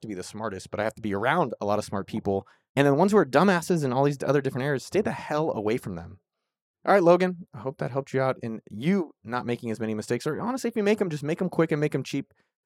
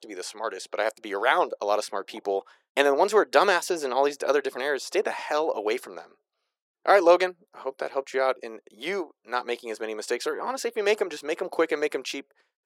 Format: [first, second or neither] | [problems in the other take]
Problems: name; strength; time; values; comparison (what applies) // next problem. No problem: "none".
first | thin; very; fading below 400 Hz